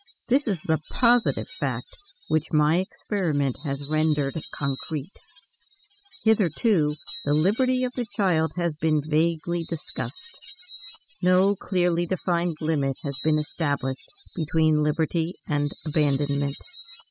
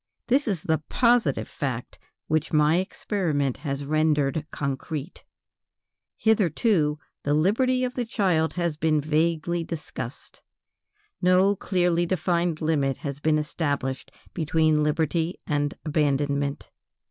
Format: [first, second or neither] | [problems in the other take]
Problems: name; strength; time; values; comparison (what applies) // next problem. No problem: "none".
second | noise reduction (classical method spectral subtraction)